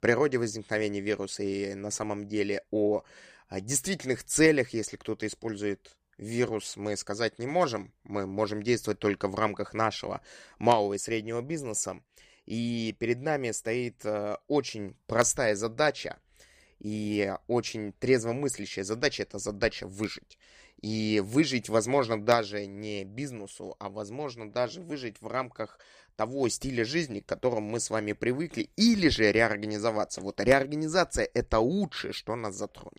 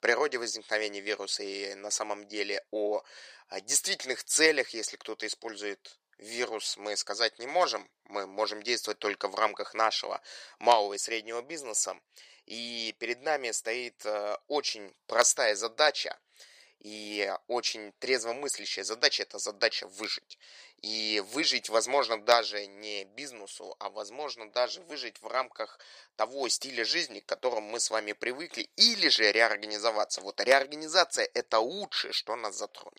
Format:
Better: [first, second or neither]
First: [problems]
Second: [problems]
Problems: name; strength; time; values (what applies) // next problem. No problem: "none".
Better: first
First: none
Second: thin; very; fading below 650 Hz